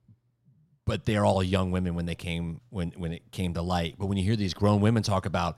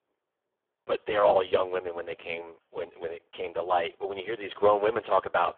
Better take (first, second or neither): first